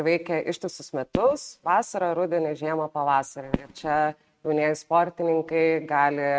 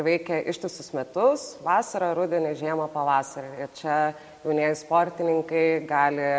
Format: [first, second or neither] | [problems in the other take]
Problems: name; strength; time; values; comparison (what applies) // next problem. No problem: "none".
second | noise reduction (neural mask model RNNoise)